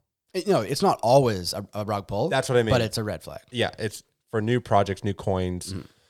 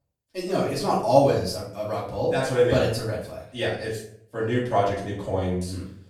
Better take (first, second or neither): first